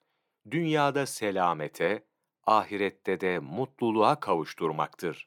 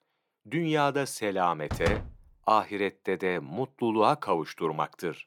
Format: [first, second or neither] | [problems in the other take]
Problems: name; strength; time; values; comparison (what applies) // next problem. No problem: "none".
first | door banging; noticeable; at 1.5 s; peak 4 dB below the speech